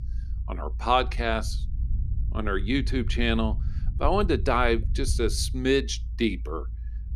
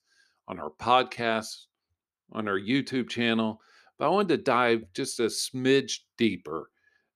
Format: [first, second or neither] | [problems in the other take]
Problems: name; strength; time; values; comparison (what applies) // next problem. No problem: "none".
second | low rumble; faint; throughout; 25 dB below the speech